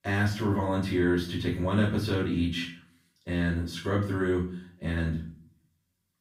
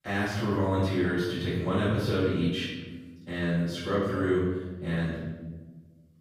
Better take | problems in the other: first | room echo; strong; dies away in 1.2 s; slight in the first // off-mic speech; far; far in the first

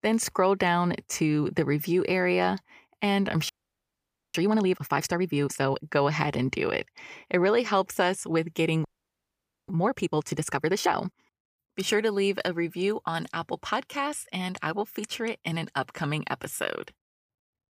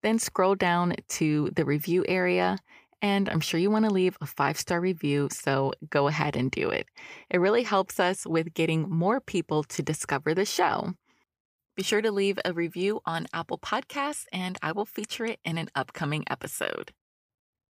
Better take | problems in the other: second | audio freezing; at 3.5 s for 1 s and at 9 s for 1 s

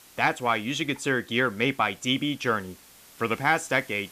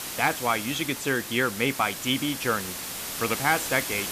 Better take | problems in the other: first | hiss; loud; throughout; 6 dB below the speech; faint in the first

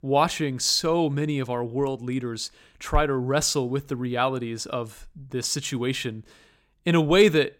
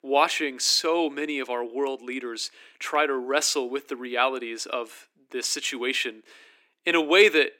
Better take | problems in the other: first | thin; somewhat; fading below 300 Hz

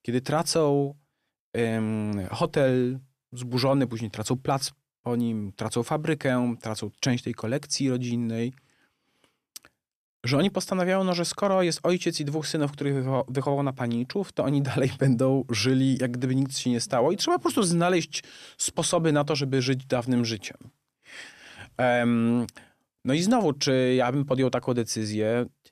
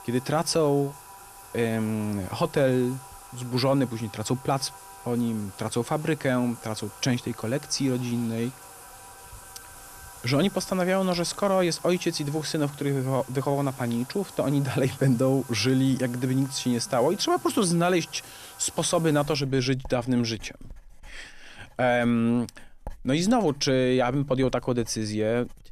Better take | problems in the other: first | household noises; noticeable; throughout; 20 dB below the speech

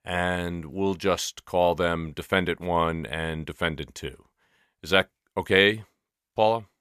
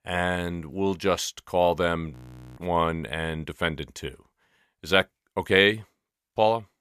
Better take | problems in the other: first | audio freezing; at 2 s

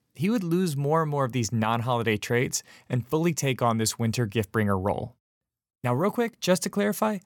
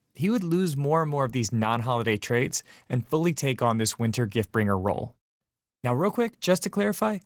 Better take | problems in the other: first | garbled, watery; slightly; nothing above 17 kHz

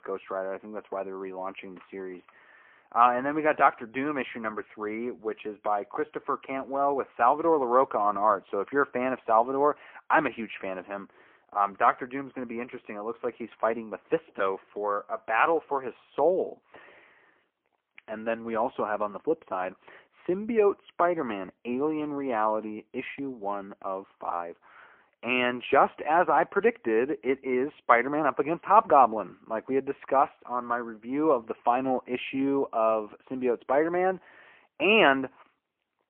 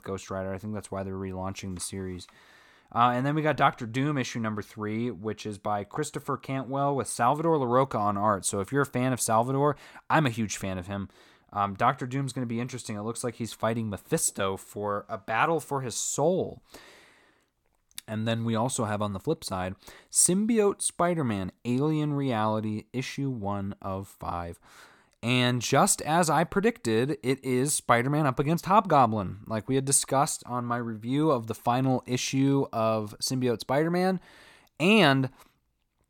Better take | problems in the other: second | phone-call audio; poor line; nothing above 3 kHz

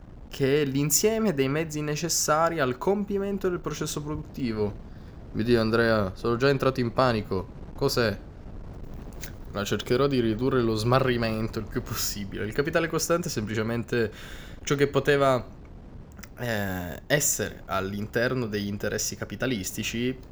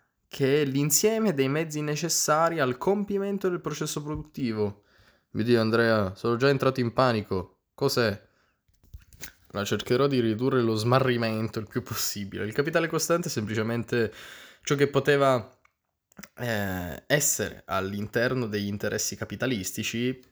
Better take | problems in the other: second | wind noise on the microphone; occasional gusts; 25 dB below the speech

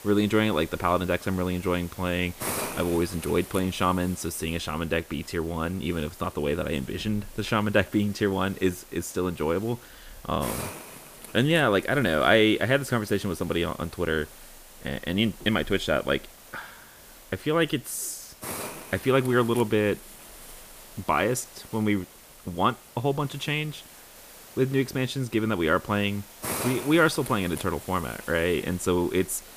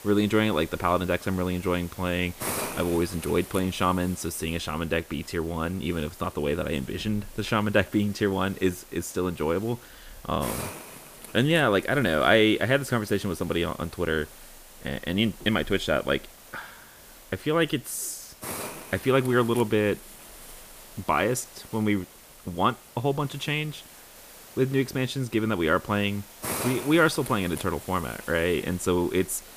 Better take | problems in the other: neither | hiss; noticeable; throughout; 15 dB below the speech; the same in both

